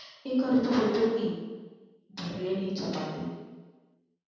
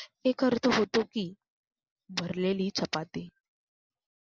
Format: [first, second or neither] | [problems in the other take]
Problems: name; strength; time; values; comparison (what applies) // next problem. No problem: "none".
second | room echo; dies away in 1.2 s